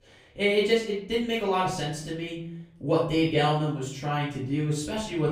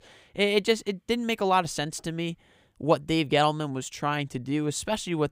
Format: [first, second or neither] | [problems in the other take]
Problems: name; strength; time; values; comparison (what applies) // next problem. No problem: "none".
second | off-mic speech; far // room echo; noticeable; dies away in 0.6 s